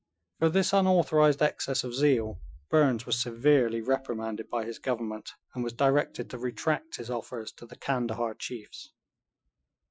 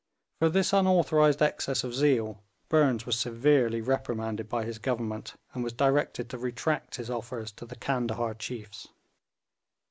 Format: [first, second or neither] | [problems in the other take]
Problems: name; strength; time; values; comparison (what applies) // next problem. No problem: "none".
second | noise reduction (classical method Wiener filter)